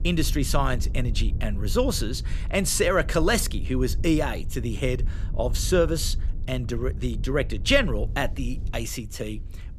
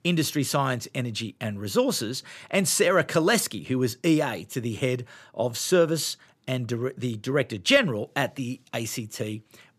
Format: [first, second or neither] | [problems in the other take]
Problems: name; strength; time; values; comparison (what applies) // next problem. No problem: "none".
second | low rumble; faint; throughout; 20 dB below the speech